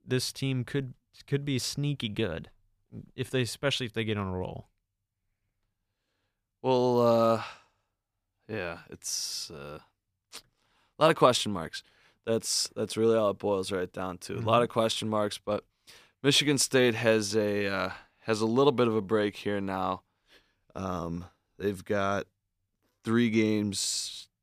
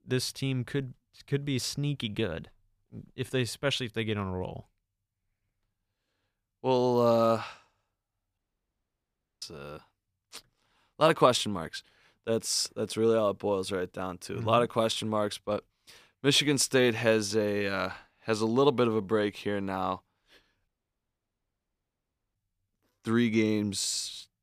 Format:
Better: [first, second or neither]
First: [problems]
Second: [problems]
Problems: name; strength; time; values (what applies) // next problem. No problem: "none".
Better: first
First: none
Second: audio cutting out; at 8.5 s for 1 s and at 21 s for 1.5 s